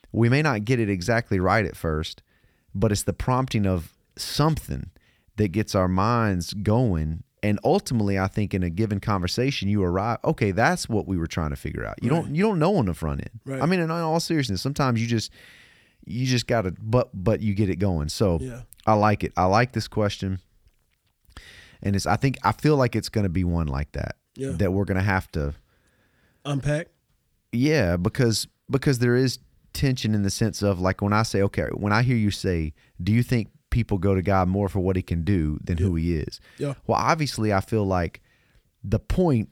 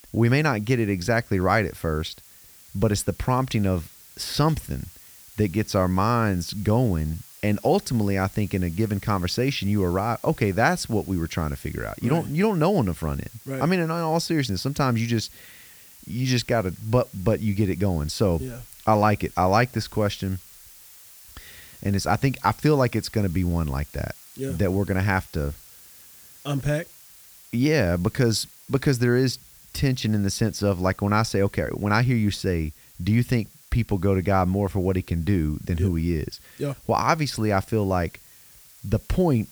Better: first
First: none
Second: hiss; faint; throughout; 20 dB below the speech

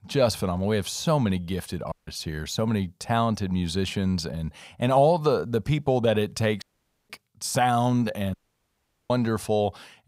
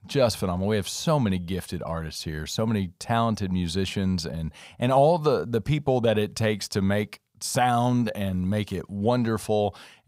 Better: second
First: audio cutting out; at 2 s, at 6.5 s and at 8.5 s for 1 s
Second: none

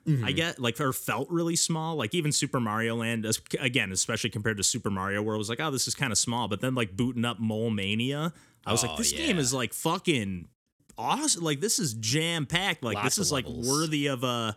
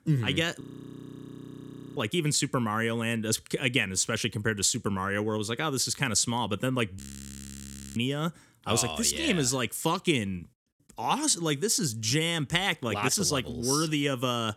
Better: first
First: none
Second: audio freezing; at 0.5 s for 1.5 s and at 7 s for 1 s

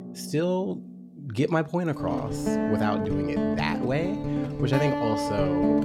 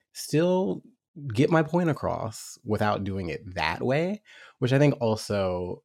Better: second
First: background music; very loud; throughout; 1 dB above the speech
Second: none

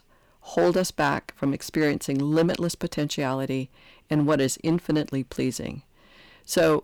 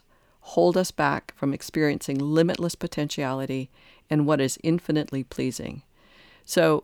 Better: second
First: distortion; slight; 4% of the sound clipped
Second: none

